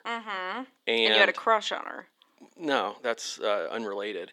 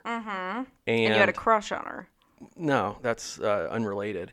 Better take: second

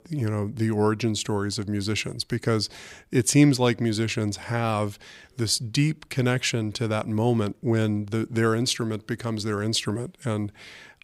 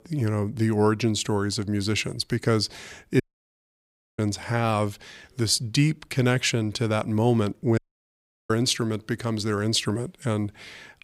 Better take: first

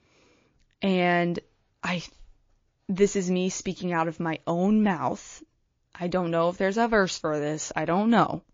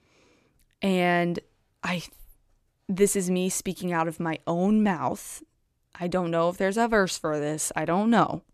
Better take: second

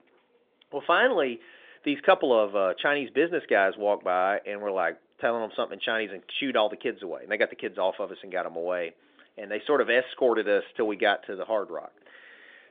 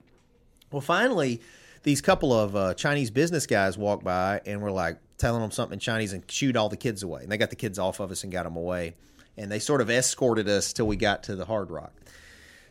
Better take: second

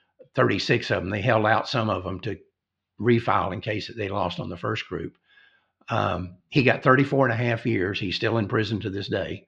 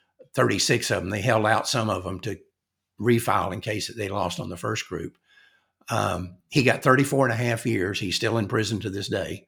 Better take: second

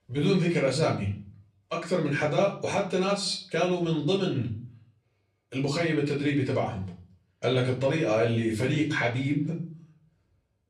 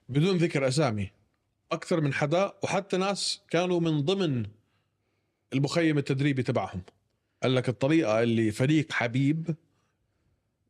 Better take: second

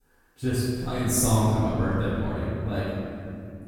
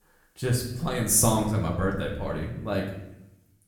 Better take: second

